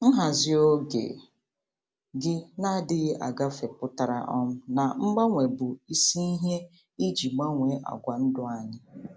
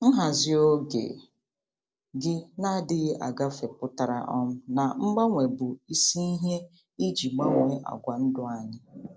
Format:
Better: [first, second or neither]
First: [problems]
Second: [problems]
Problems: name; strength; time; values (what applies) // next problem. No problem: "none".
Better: first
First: none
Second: noise reduction (neural separator model SepFormer DNS4)